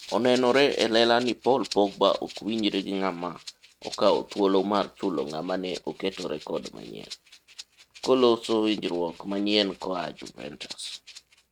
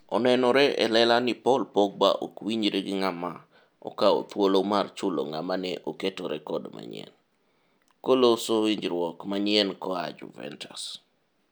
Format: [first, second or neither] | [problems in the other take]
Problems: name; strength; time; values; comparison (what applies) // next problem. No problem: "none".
second | noise reduction (neural mask model RNNoise)